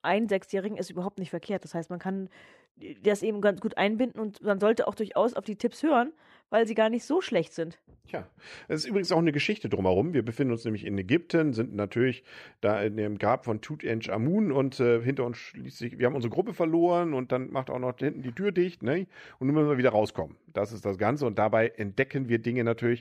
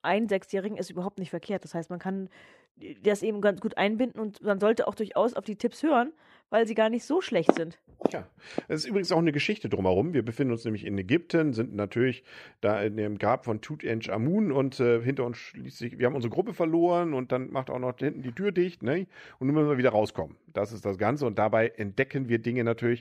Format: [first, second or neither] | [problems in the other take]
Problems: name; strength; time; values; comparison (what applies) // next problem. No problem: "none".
first | footsteps; loud; from 7.5 to 8.5 s; peak 2 dB above the speech